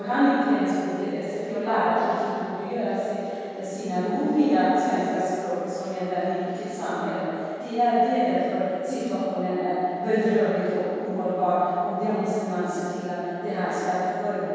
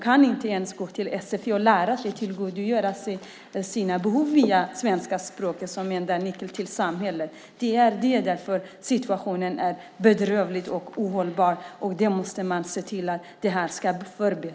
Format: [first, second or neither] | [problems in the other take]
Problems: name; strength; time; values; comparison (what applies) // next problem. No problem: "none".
second | room echo; dies away in 2.2 s